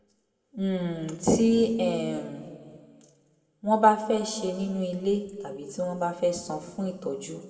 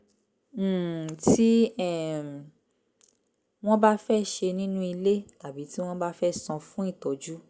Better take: second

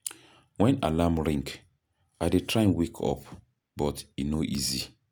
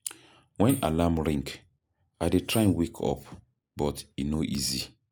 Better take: first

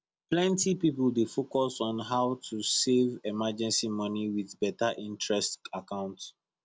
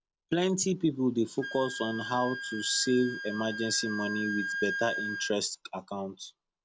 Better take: first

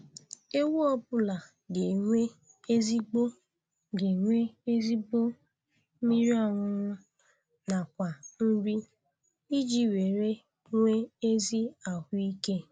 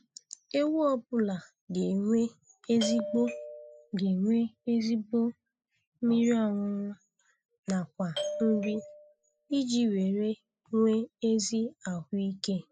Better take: first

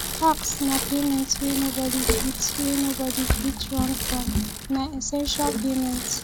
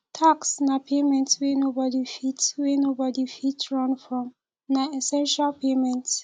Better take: second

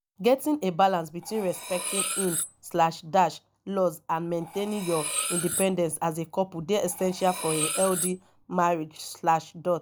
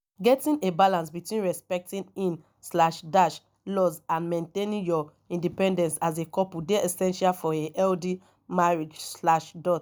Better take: second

